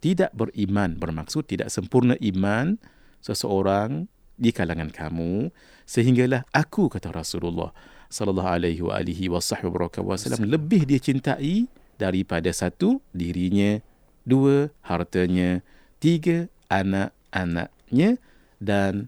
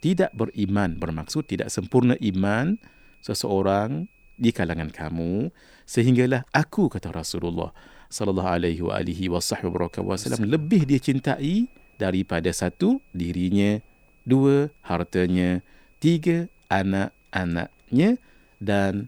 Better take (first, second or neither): first